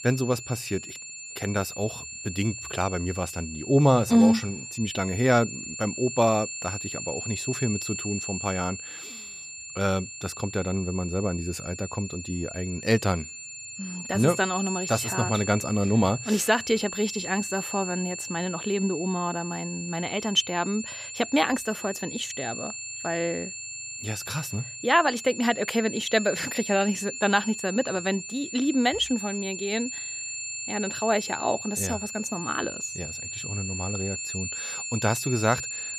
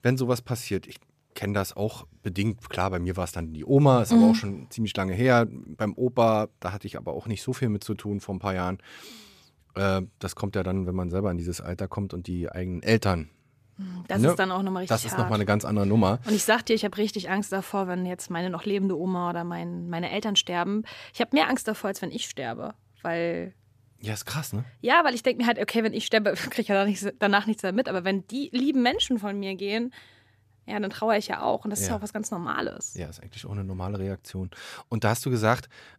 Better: second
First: high-pitched whine; loud; throughout; 7 kHz, 7 dB below the speech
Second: none

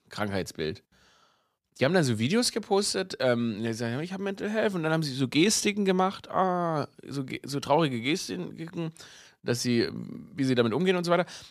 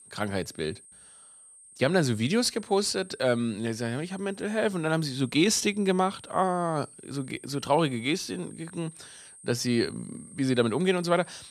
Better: first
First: none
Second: high-pitched whine; faint; throughout; 8.5 kHz, 20 dB below the speech

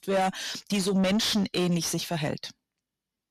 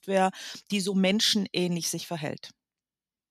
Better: second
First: distortion; heavy; 7 dB below the speech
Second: none

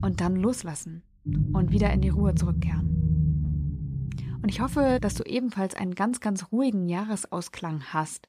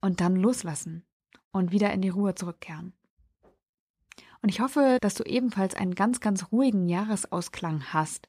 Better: second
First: low rumble; loud; until 5 s; 8 dB below the speech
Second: none

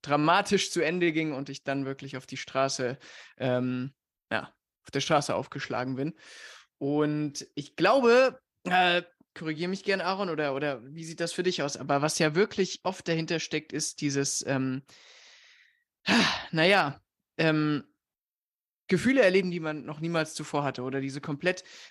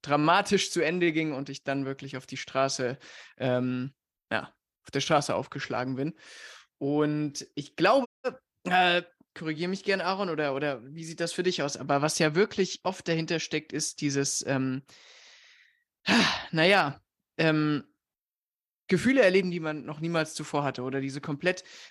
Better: first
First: none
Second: audio cutting out; at 8 s

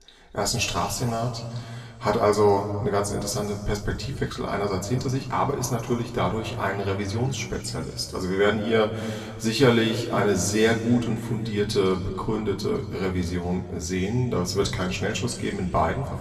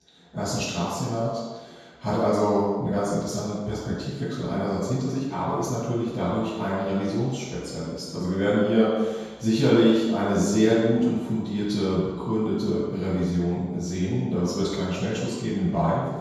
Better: first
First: room echo; slight; dies away in 2 s // off-mic speech; far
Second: room echo; strong; dies away in 1.2 s // off-mic speech; far

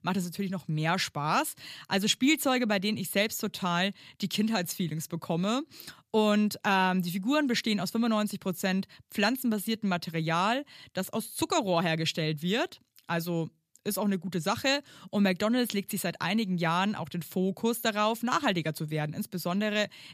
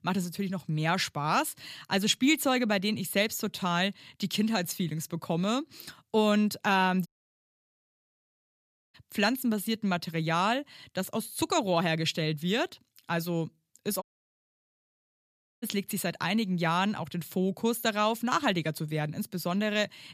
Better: first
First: none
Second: audio cutting out; at 7 s for 2 s and at 14 s for 1.5 s

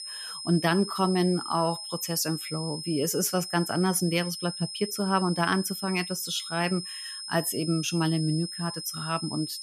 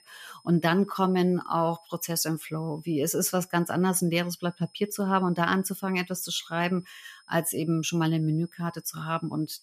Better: second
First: high-pitched whine; loud; throughout; 5 kHz, 7 dB below the speech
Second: high-pitched whine; faint; throughout; 5 kHz, 30 dB below the speech

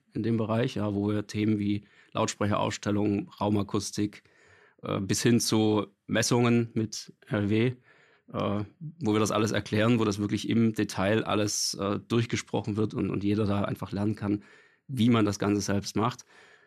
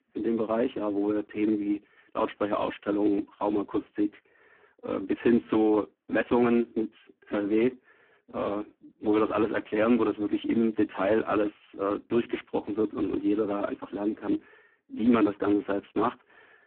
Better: first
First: none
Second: phone-call audio; poor line

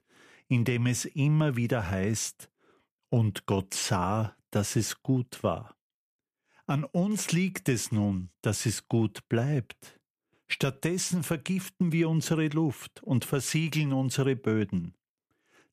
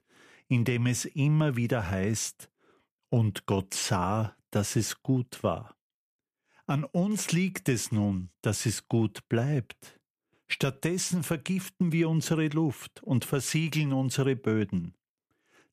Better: neither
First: none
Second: none

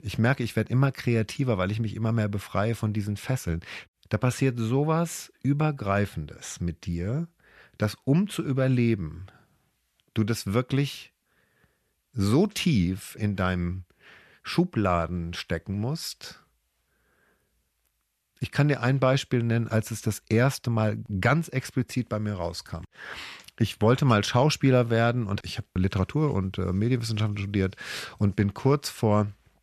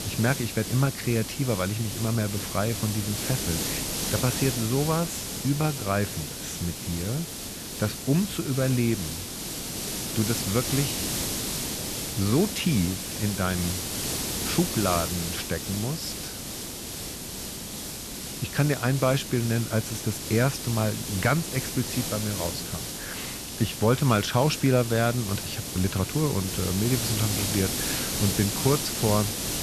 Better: first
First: none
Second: hiss; loud; throughout; 3 dB below the speech

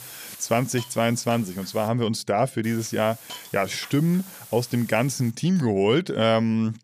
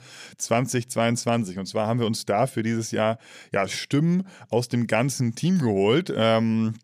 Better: second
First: hiss; noticeable; until 2 s and from 2.5 to 5.5 s; 15 dB below the speech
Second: none

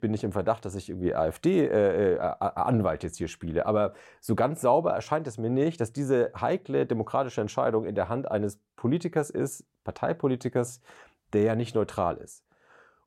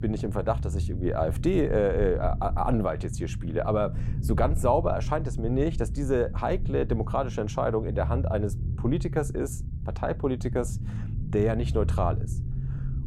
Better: first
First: none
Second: low rumble; noticeable; throughout; 15 dB below the speech

